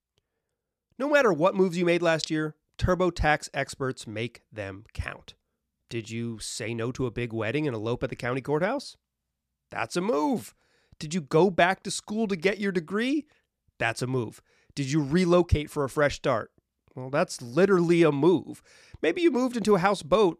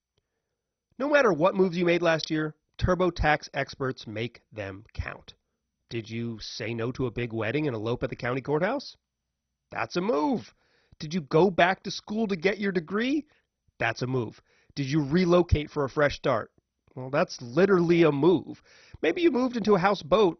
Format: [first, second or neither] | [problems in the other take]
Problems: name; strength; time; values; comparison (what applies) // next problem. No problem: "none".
first | garbled, watery; badly; nothing above 6 kHz